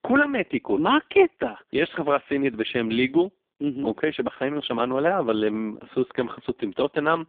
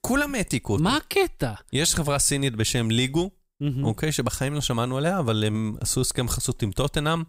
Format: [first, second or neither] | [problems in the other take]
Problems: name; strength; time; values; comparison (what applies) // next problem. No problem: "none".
second | phone-call audio; poor line; nothing above 3.5 kHz